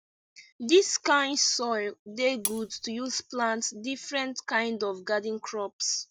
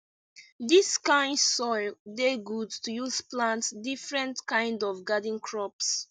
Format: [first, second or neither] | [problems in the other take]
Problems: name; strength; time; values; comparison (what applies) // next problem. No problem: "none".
second | background sound (Cutlery, silverware); 8 dB below the speech